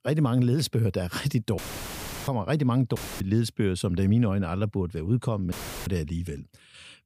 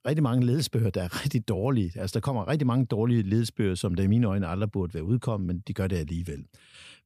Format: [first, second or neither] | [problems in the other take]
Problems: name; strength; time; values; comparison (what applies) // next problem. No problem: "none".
second | audio cutting out; filled with static; at 1.5 s for 0.5 s, at 3 s and at 5.5 s